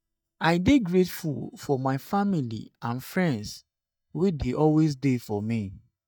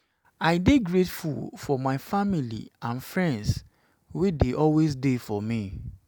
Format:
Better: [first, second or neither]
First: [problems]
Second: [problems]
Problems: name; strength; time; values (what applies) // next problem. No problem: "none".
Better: second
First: noise reduction (neural mask model DeepFilterNet 3)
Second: none